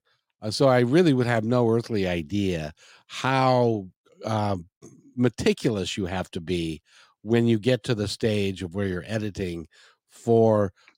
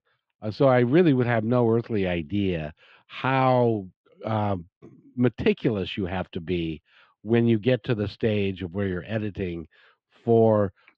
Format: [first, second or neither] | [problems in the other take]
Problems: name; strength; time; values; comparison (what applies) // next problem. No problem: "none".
first | muffled; slightly; fading above 3 kHz